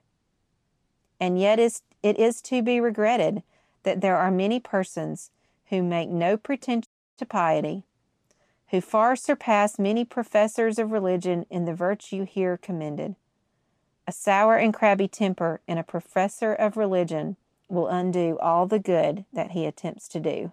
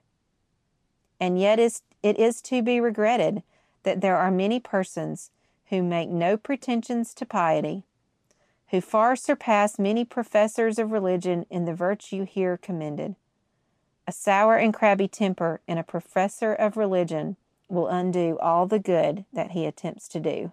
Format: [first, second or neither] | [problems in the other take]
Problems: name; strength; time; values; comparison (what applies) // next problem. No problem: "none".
second | audio cutting out; at 7 s